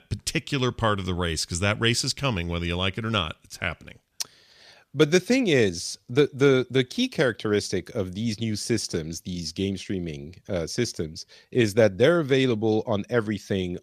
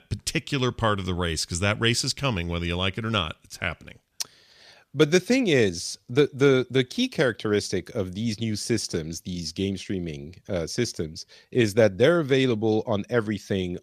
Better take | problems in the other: neither | none

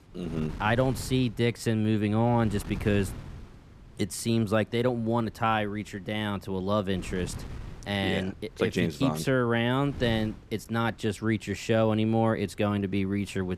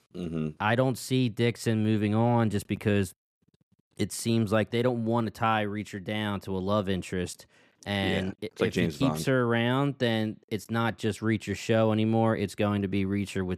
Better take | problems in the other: second | wind noise on the microphone; occasional gusts; 20 dB below the speech

